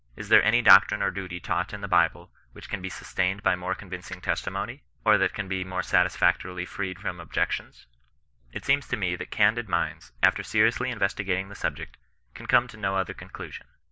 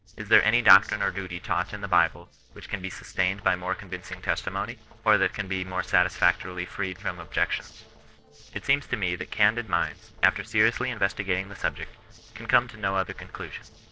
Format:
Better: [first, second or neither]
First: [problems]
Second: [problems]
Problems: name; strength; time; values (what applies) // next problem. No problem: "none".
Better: first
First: none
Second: noise reduction (neural separator model SepFormer DNS4)